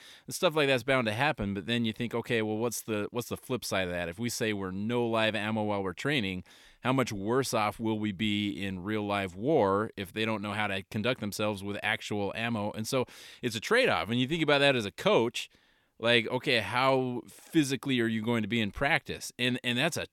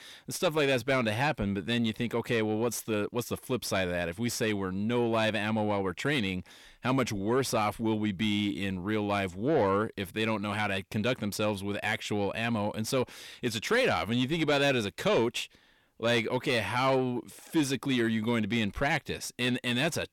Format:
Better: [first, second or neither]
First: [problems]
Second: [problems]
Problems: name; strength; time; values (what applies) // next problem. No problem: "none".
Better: first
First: none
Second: distortion; slight; 10 dB below the speech